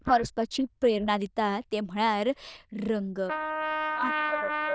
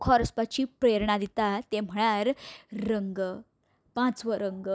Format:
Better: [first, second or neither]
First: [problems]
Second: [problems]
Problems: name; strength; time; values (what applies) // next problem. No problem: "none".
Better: second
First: noise reduction (neural diffusion model UNIVERSE++)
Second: none